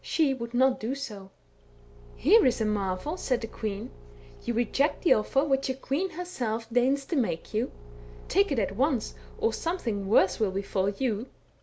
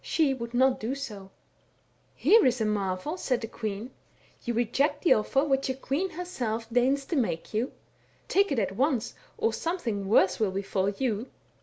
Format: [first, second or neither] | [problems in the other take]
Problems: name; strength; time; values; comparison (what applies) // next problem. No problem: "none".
second | background sound (Engine / Car); 18 dB below the speech